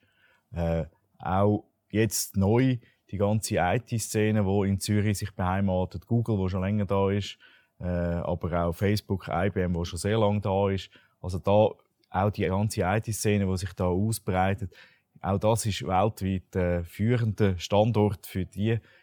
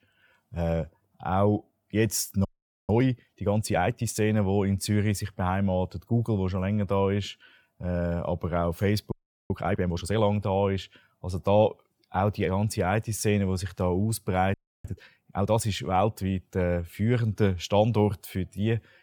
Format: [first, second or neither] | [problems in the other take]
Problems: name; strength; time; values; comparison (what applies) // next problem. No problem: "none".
first | audio freezing; at 2.5 s, at 9 s and at 15 s